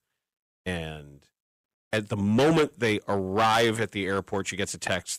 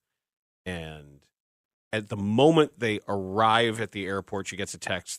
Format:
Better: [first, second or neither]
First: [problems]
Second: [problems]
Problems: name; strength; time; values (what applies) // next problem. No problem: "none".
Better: second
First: distortion; heavy; 5% of the sound clipped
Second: none